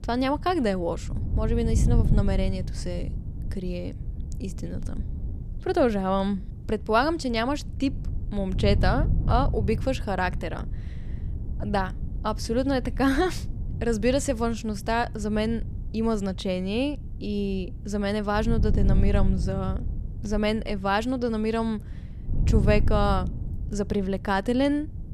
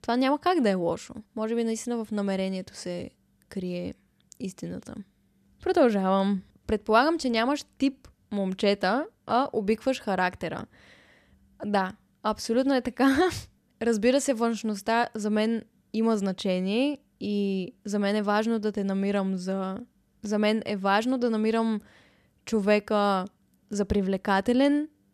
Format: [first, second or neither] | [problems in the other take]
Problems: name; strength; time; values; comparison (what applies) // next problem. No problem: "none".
second | wind noise on the microphone; occasional gusts; 15 dB below the speech